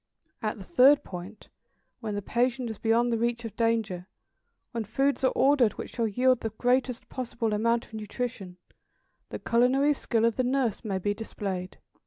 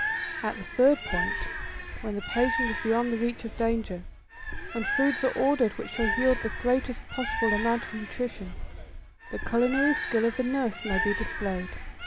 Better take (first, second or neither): first